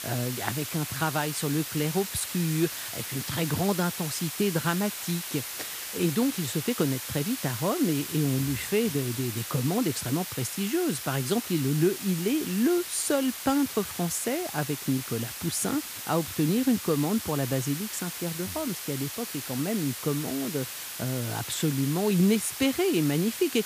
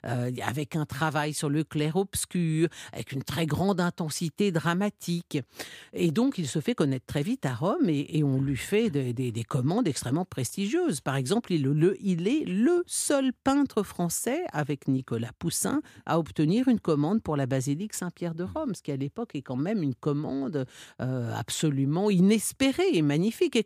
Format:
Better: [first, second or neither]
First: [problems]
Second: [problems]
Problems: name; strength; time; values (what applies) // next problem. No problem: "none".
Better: second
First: hiss; loud; throughout; 6 dB below the speech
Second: none